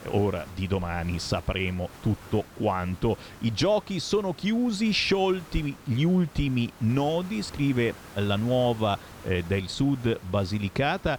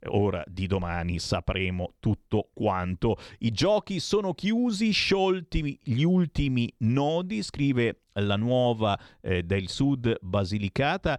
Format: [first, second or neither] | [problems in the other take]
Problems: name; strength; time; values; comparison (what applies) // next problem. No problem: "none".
second | hiss; noticeable; throughout; 20 dB below the speech